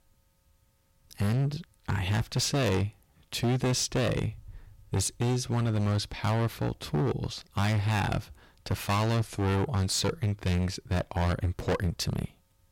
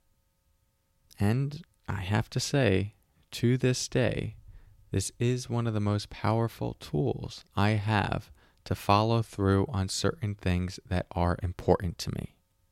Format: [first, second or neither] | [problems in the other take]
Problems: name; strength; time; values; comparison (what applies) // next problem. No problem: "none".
second | distortion; heavy; 16% of the sound clipped